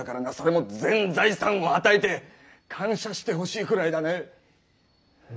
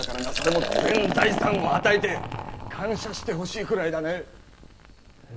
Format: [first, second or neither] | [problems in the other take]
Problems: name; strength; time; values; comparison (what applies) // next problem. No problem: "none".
first | background sound (Liquid); 3 dB below the speech